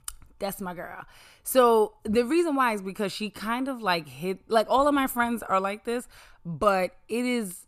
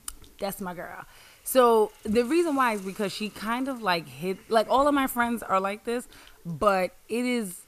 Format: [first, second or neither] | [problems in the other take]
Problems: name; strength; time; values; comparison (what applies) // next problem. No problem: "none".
first | hiss; faint; throughout; 25 dB below the speech